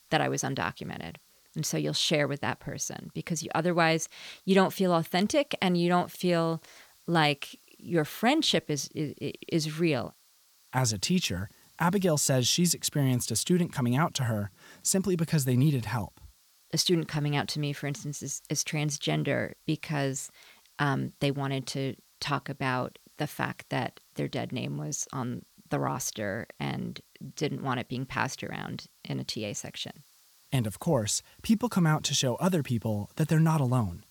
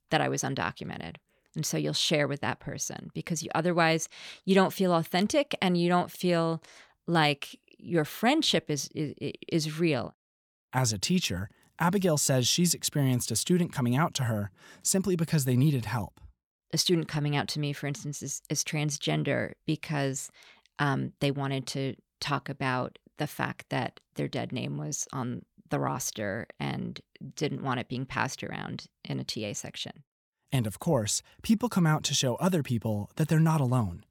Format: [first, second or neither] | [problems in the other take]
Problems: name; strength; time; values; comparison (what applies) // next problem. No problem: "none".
second | hiss; faint; throughout; 30 dB below the speech